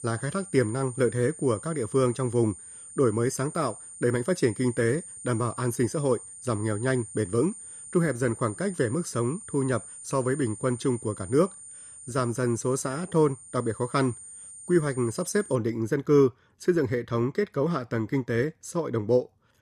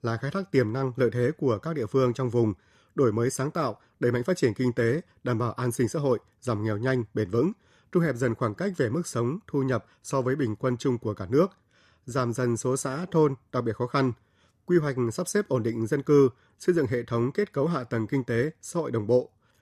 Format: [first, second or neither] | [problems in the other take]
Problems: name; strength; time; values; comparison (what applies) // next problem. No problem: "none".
second | high-pitched whine; noticeable; until 16 s; 9 kHz, 15 dB below the speech